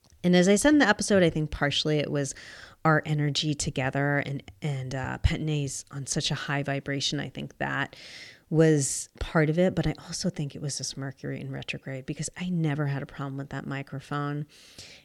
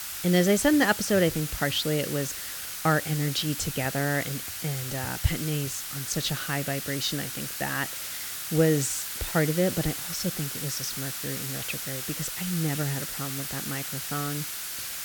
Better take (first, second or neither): first